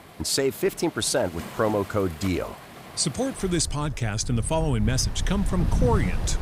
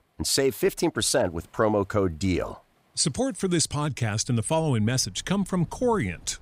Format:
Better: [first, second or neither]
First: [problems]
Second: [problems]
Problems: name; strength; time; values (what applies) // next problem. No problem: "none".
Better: second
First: rain or running water; loud; throughout; 6 dB below the speech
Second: rain or running water; faint; throughout; 30 dB below the speech